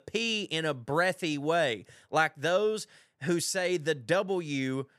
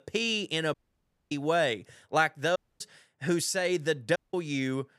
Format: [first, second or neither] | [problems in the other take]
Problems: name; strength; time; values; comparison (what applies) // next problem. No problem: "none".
first | audio cutting out; at 0.5 s for 0.5 s, at 2.5 s and at 4 s